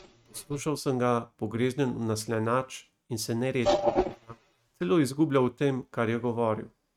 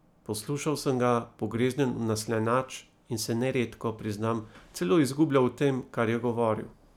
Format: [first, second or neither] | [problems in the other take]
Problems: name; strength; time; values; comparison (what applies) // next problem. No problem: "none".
second | noise reduction (neural mask model RNNoise)